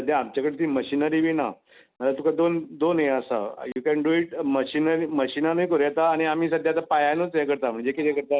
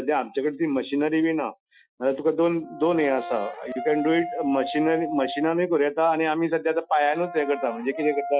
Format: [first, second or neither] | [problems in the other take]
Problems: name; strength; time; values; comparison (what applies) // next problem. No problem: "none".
first | noise reduction (classical method Wiener filter)